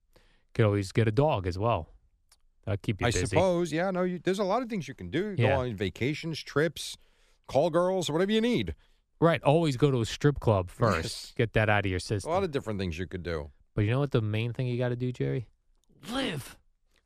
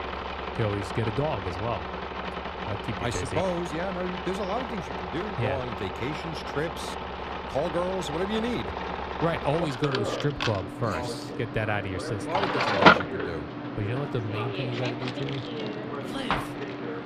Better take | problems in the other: first | machinery noise; very loud; throughout; 1 dB above the speech

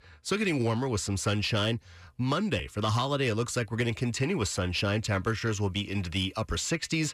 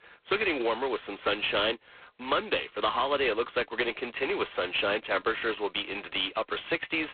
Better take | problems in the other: first | phone-call audio; poor line

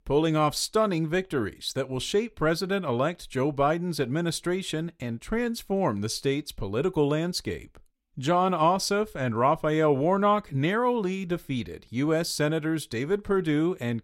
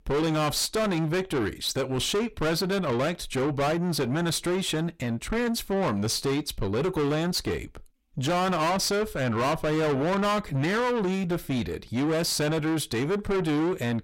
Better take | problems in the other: first | distortion; heavy; 6 dB below the speech

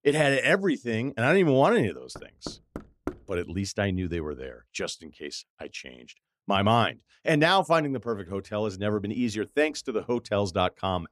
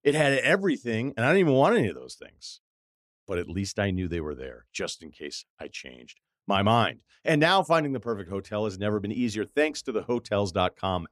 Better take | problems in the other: second | door banging; faint; at 2 s; peak 10 dB below the speech

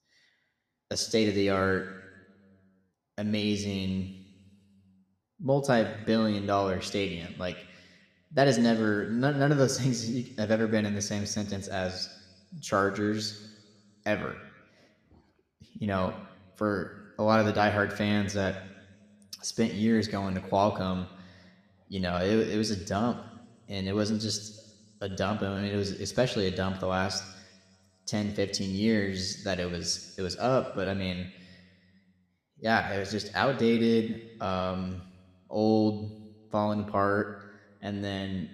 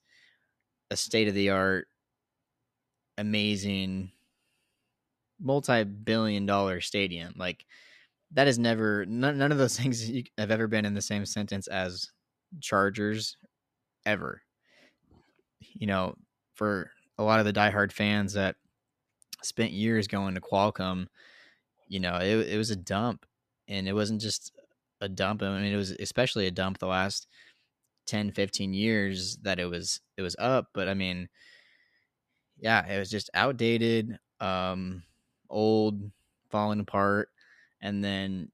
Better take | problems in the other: second | room echo; very slight; dies away in 1.2 s

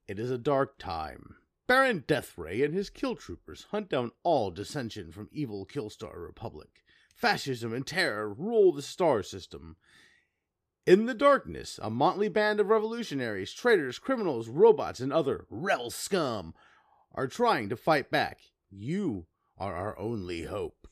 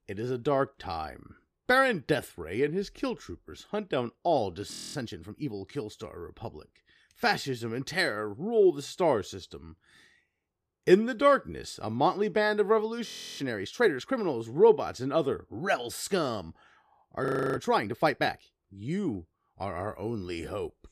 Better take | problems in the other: first | audio freezing; at 4.5 s, at 13 s and at 17 s

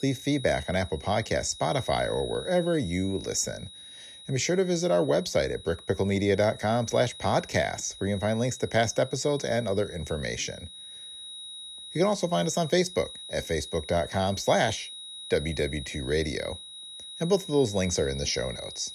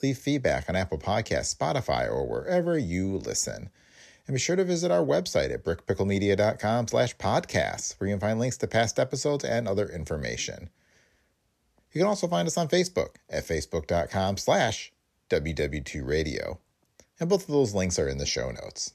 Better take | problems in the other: second | high-pitched whine; noticeable; throughout; 4 kHz, 15 dB below the speech

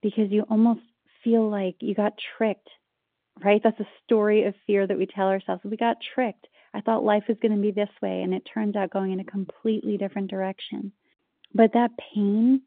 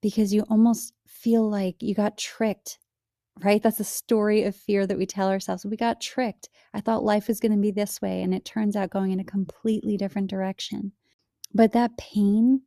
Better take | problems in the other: second | phone-call audio

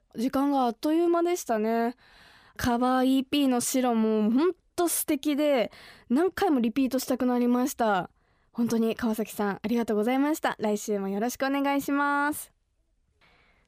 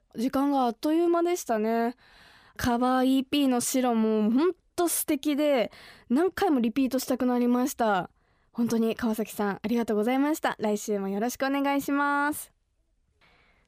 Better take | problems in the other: neither | none

